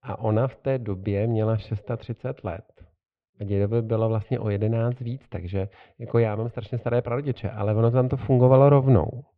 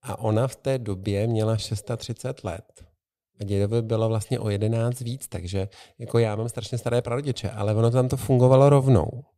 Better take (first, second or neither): second